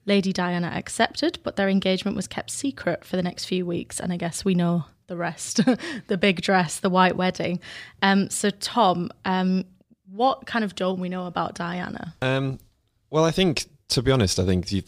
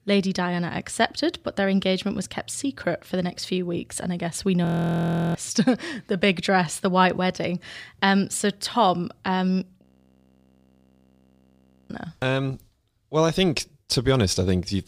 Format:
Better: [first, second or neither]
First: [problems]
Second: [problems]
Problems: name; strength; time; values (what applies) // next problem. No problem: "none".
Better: first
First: none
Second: audio freezing; at 4.5 s for 0.5 s and at 10 s for 2 s